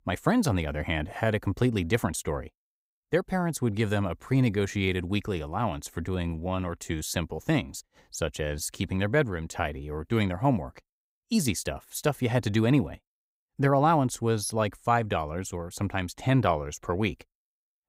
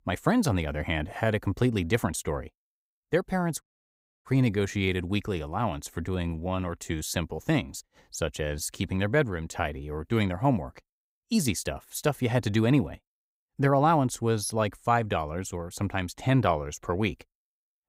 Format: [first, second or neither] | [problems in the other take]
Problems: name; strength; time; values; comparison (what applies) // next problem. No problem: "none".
first | audio cutting out; at 3.5 s for 0.5 s